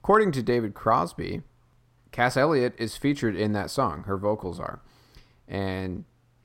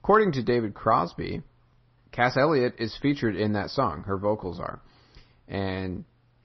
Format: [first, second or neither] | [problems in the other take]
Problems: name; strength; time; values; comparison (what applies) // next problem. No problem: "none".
first | garbled, watery; slightly; nothing above 5.5 kHz